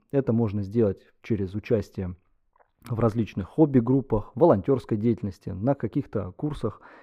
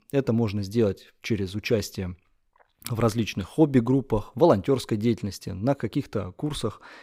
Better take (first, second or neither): second